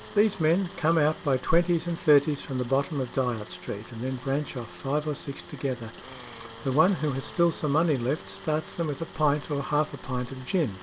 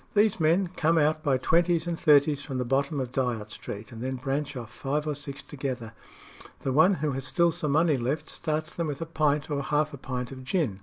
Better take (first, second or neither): second